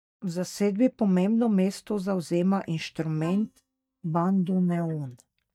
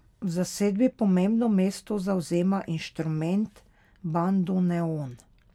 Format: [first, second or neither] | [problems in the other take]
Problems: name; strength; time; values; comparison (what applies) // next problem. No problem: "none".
second | noise reduction (neural mask model DeepFilterNet 3)